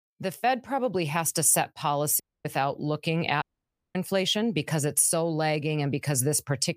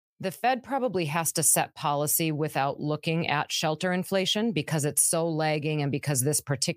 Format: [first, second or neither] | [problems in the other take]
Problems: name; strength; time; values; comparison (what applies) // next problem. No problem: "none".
second | audio cutting out; at 2 s and at 3.5 s for 0.5 s